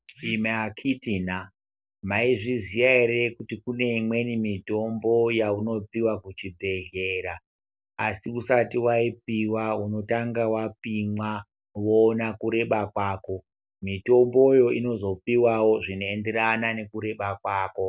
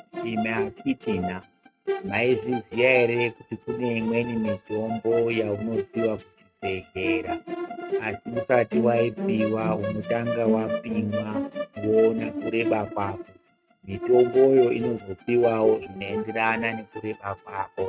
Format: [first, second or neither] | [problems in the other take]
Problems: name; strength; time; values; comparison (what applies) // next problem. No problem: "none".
first | noise reduction (neural mask model RNNoise)